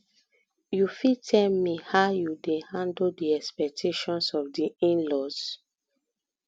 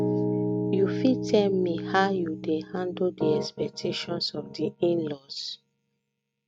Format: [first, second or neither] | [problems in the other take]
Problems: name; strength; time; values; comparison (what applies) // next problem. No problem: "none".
first | noise reduction (neural mask model RNNoise)